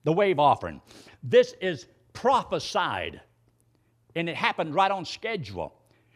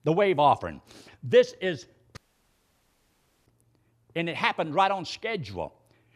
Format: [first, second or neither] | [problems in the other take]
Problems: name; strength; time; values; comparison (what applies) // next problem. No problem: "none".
first | audio cutting out; at 2 s for 1.5 s